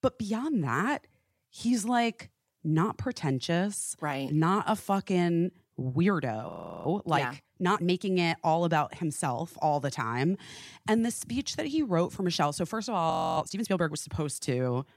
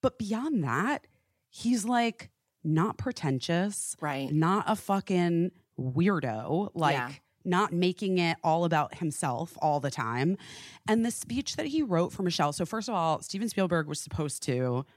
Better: second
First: audio freezing; at 6.5 s and at 13 s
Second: none

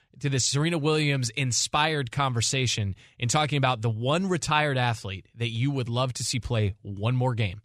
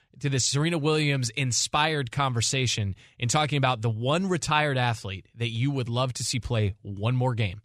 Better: neither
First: none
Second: none

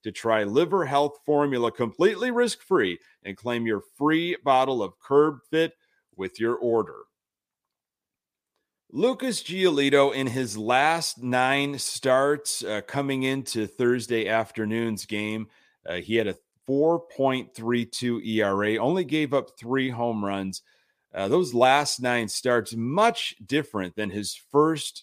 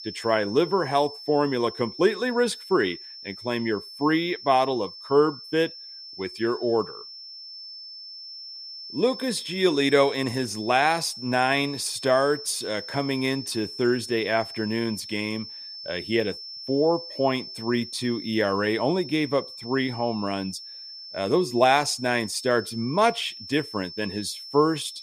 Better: first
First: none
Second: high-pitched whine; noticeable; throughout; 5.5 kHz, 10 dB below the speech

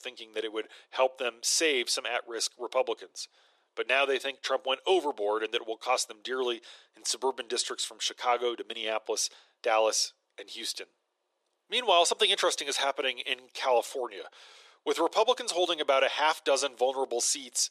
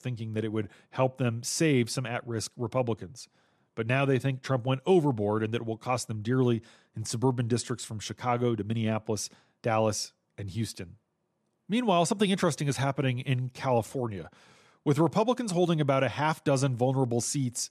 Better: second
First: thin; very; fading below 400 Hz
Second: none

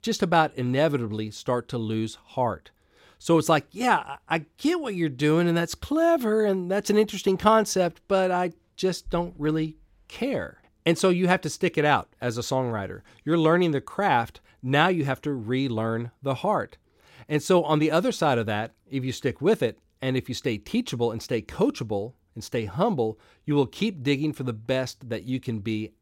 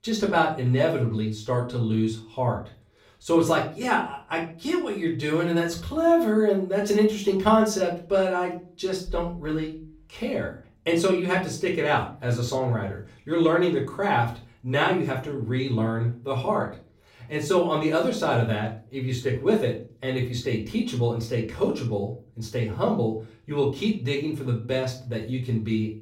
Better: first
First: none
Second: off-mic speech; far // room echo; slight; dies away in 0.3 s

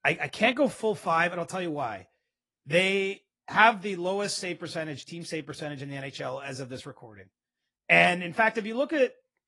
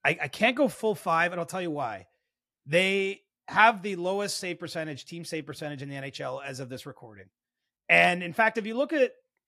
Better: second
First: garbled, watery; slightly; nothing above 10.5 kHz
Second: none

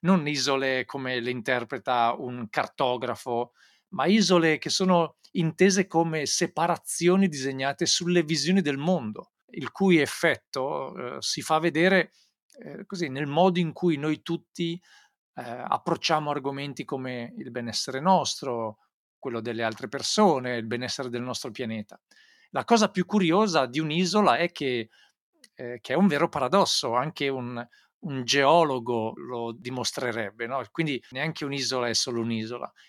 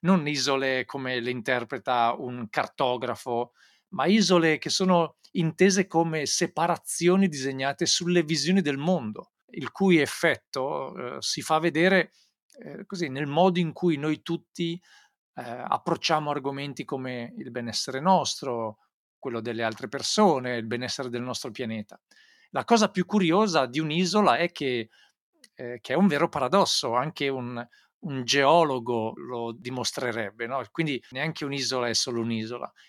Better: neither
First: none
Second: none

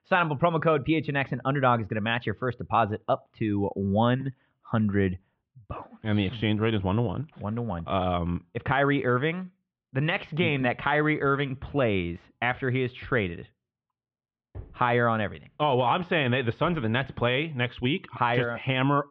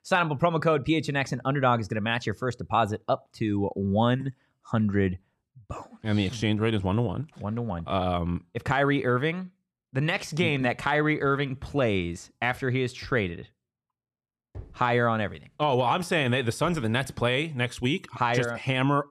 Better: second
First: muffled; very; fading above 3.5 kHz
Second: none

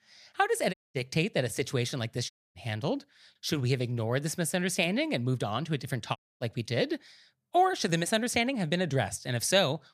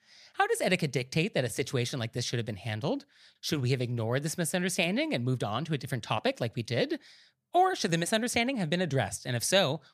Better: second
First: audio cutting out; at 0.5 s, at 2.5 s and at 6 s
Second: none

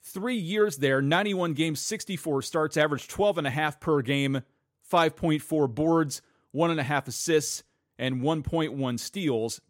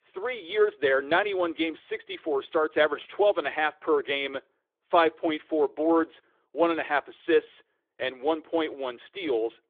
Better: first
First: none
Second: phone-call audio; nothing above 3.5 kHz

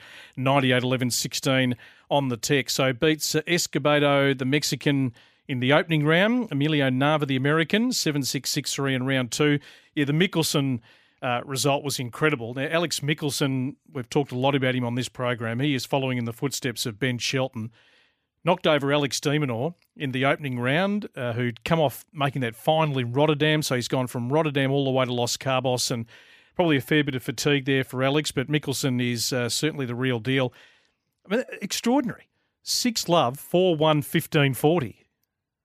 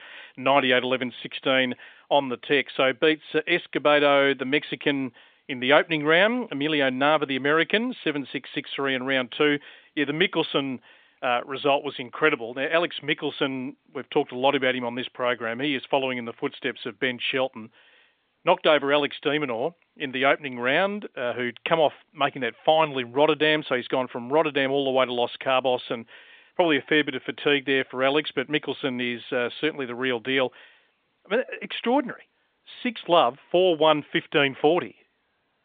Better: first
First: none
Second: phone-call audio; nothing above 3.5 kHz

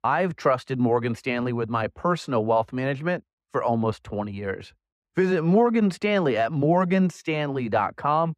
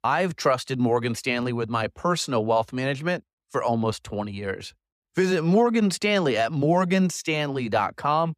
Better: second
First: muffled; slightly; fading above 3 kHz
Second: none

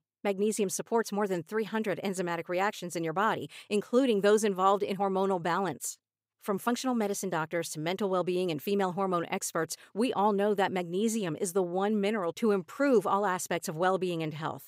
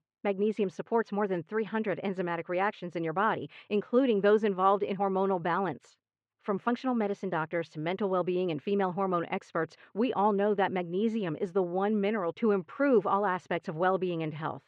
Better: first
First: none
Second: muffled; very; fading above 3 kHz

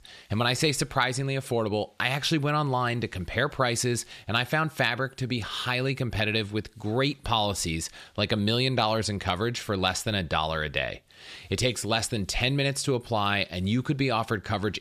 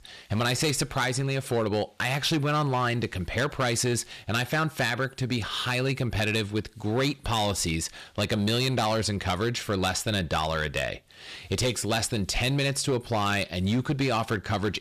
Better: first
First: none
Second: distortion; slight; 9% of the sound clipped

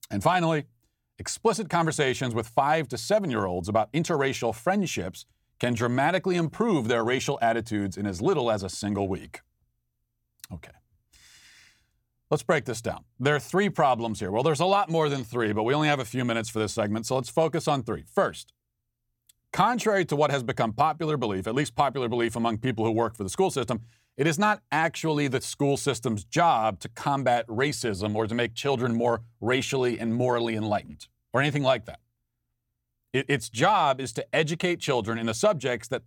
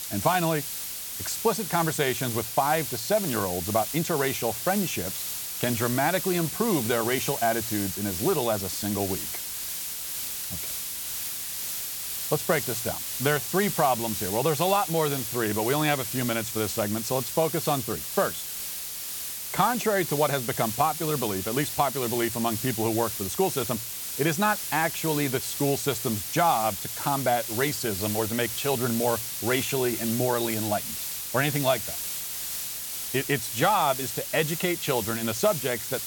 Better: first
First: none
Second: hiss; loud; throughout; 3 dB below the speech

